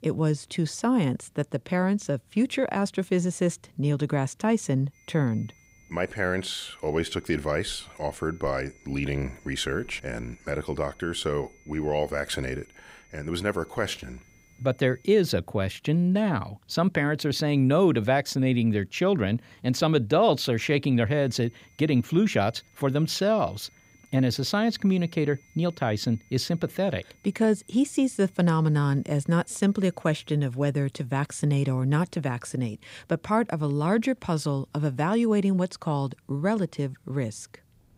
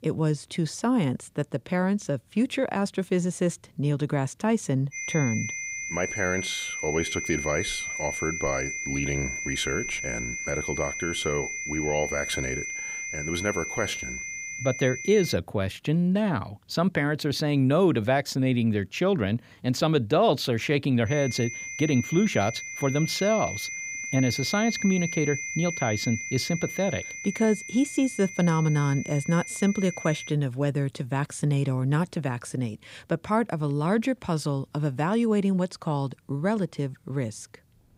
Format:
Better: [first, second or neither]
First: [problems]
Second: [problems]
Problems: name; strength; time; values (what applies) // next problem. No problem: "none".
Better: first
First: high-pitched whine; faint; from 5 to 15 s and from 21 to 30 s; 2 kHz, 30 dB below the speech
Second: high-pitched whine; loud; from 5 to 15 s and from 21 to 30 s; 2 kHz, 5 dB below the speech